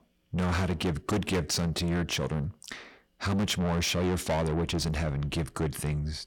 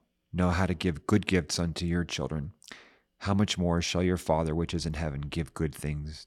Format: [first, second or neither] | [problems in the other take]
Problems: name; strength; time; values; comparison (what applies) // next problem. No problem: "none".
second | distortion; heavy; 6 dB below the speech